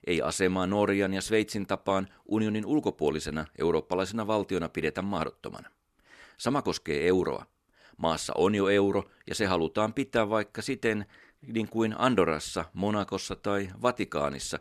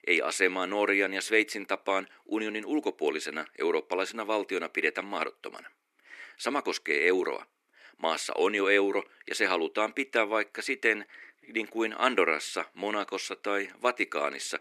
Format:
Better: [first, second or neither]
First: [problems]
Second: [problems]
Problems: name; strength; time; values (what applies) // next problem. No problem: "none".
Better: first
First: none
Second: thin; somewhat; fading below 300 Hz